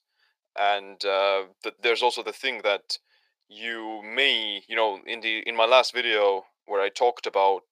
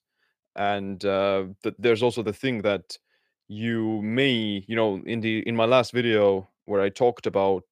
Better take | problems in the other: second | thin; very; fading below 500 Hz

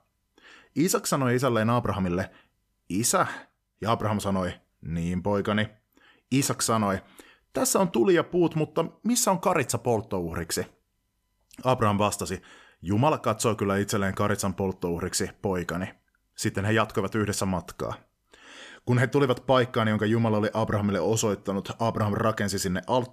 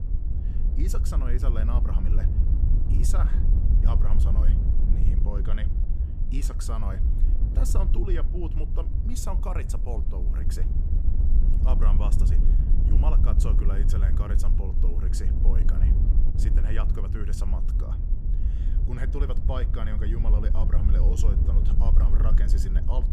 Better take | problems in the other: first | wind noise on the microphone; heavy; 3 dB below the speech

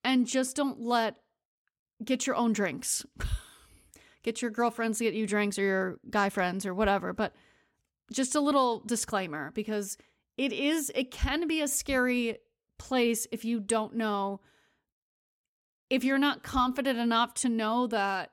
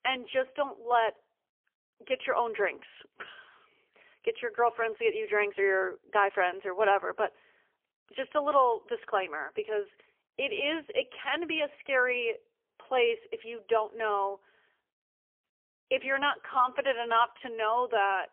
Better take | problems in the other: first | phone-call audio; poor line; nothing above 3 kHz

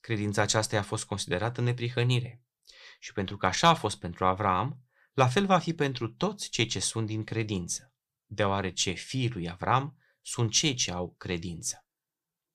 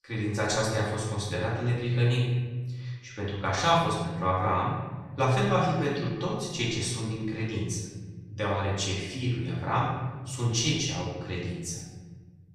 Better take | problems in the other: first | off-mic speech; far // room echo; noticeable; dies away in 1.6 s

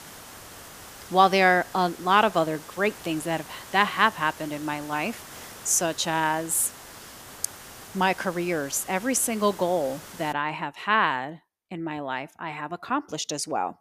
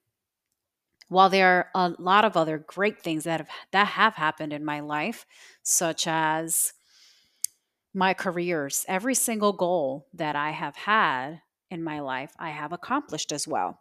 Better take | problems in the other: second | hiss; noticeable; until 10 s; 15 dB below the speech

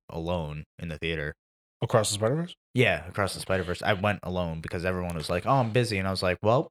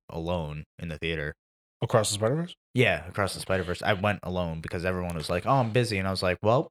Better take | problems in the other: neither | none

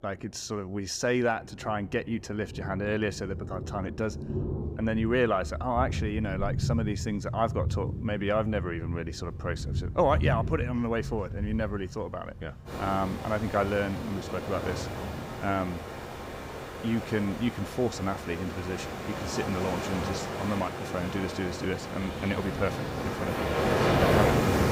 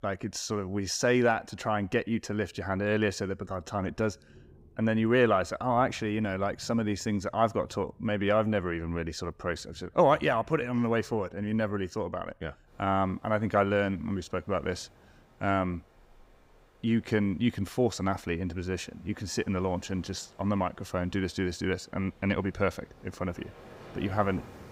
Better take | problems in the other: second | rain or running water; loud; throughout; 2 dB below the speech; faint in the second

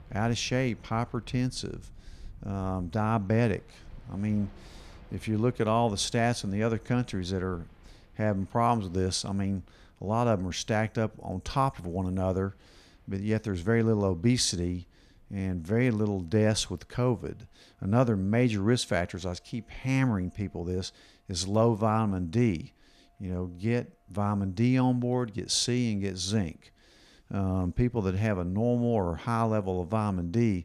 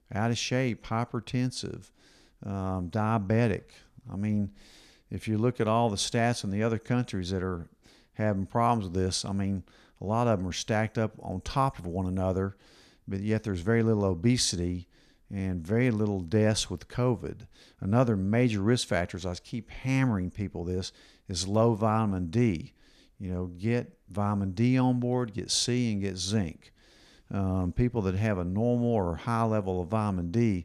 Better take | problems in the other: second | rain or running water; faint; throughout; 25 dB below the speech

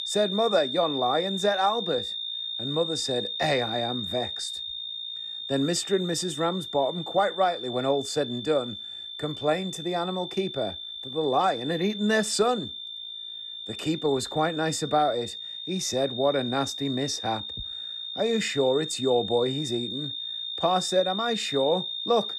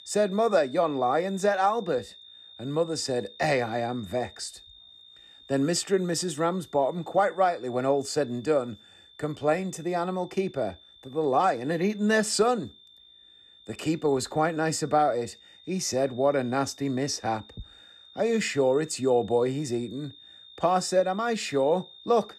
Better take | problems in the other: second | high-pitched whine; loud; throughout; 3.5 kHz, 6 dB below the speech; faint in the second

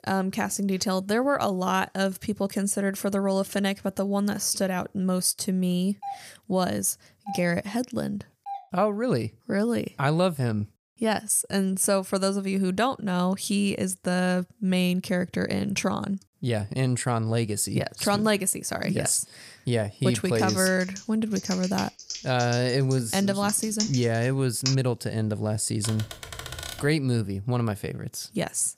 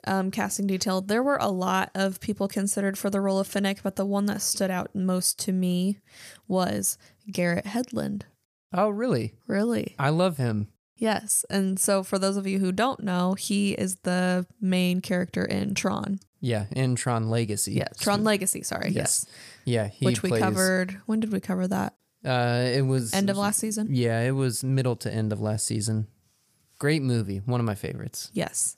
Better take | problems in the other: second | doorbell; faint; from 6 to 8.5 s; peak 10 dB below the speech // keyboard typing; noticeable; from 20 to 25 s and from 26 to 27 s; peak 4 dB below the speech

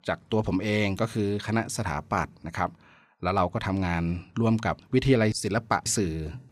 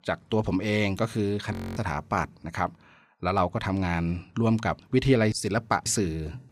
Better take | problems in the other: first | audio freezing; at 1.5 s

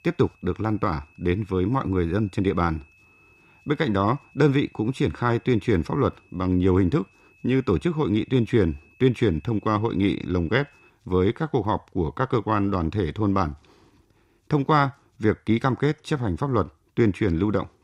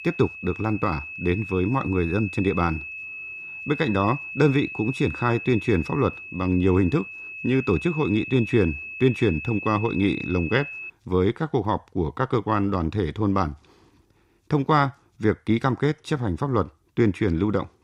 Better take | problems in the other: first | high-pitched whine; loud; until 11 s; 2.5 kHz, 10 dB below the speech; faint in the first

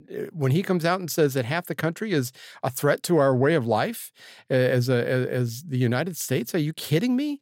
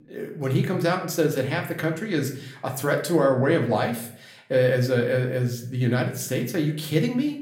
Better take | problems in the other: first | room echo; slight; dies away in 0.5 s // off-mic speech; somewhat distant

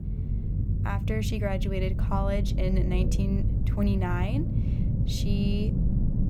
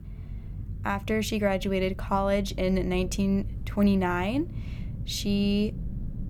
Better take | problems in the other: second | low rumble; loud; throughout; 6 dB below the speech; faint in the second

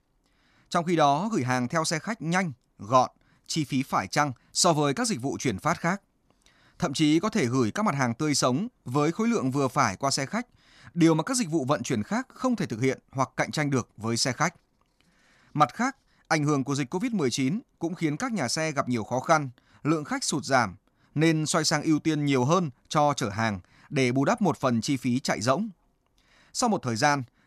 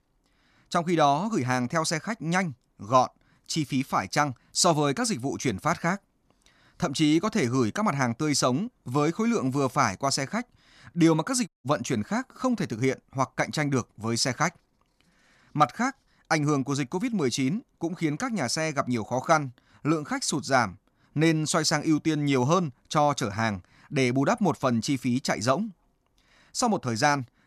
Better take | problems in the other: first | audio cutting out; at 11 s

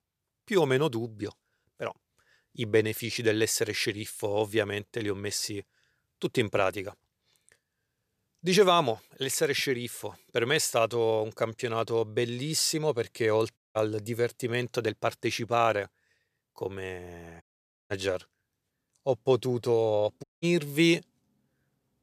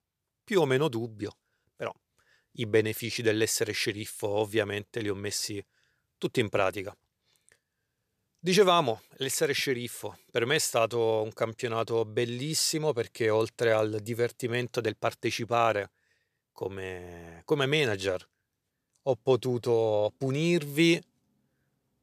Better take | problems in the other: second | audio cutting out; at 14 s, at 17 s and at 20 s

